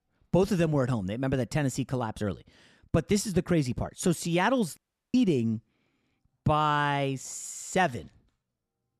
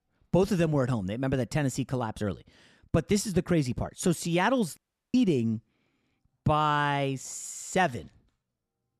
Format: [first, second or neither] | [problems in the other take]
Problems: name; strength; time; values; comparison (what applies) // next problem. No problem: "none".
neither | audio cutting out; at 5 s; the same in both